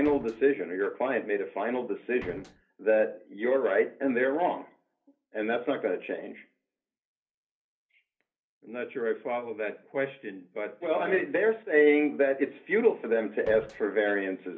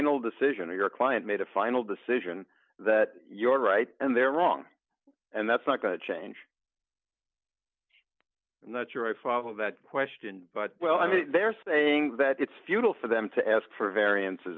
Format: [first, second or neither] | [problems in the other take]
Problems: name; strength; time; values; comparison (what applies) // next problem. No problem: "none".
second | background sound (Slam); 17 dB below the speech // room echo; dies away in 0.3 s